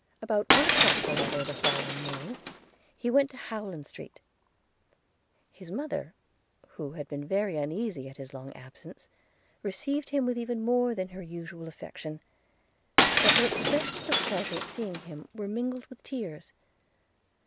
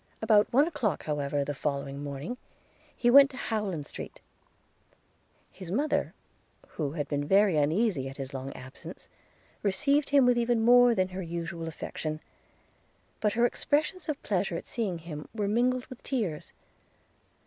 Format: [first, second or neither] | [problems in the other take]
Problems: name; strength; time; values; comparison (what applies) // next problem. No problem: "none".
second | background sound (Shatter); 5 dB above the speech